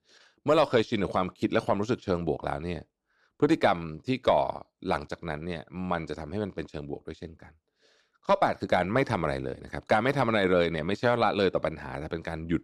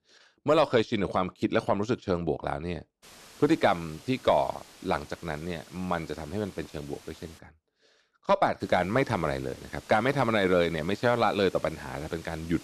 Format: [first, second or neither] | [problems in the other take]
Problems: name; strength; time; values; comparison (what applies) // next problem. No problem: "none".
first | hiss; faint; from 3 to 7.5 s and from 8.5 s on; 20 dB below the speech